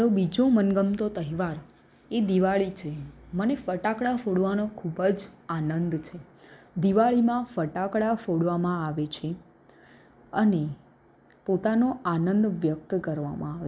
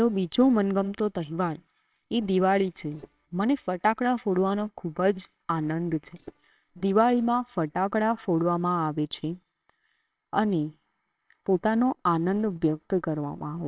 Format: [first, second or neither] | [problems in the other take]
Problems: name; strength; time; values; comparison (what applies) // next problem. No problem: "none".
first | noise reduction (neural separator model SepFormer WHAMR!)